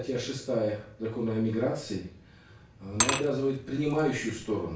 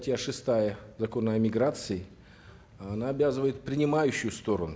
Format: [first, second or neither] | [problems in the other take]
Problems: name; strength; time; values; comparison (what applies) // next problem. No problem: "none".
second | background sound (Glass / Liquid); 5 dB below the speech // room echo; dies away in 0.3 s